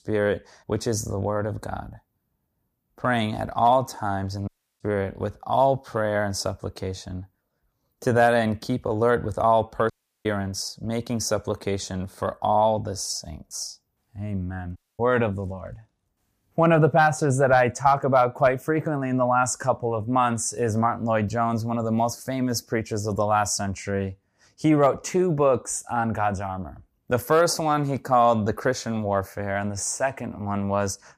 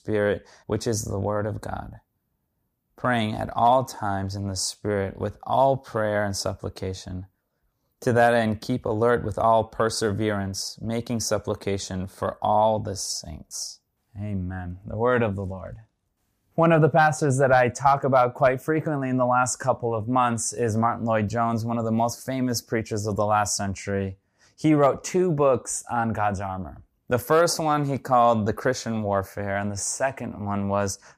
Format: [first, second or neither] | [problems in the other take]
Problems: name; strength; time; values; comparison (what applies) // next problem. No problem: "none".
second | audio cutting out; at 4.5 s, at 10 s and at 15 s